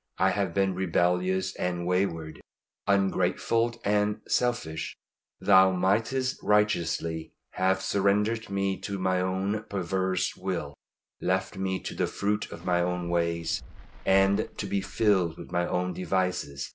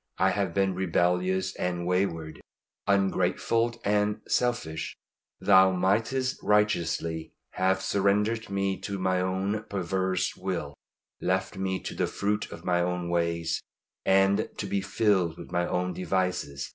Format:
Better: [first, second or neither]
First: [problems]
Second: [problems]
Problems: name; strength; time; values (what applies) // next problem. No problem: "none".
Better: second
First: background sound (Fireworks); 16 dB below the speech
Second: none